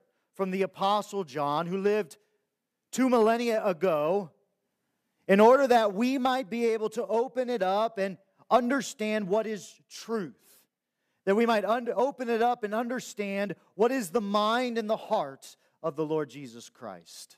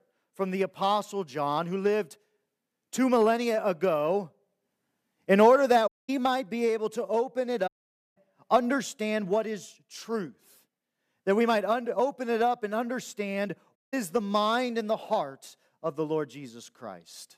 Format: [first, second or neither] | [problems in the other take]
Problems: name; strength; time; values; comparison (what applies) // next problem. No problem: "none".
first | audio cutting out; at 6 s, at 7.5 s and at 14 s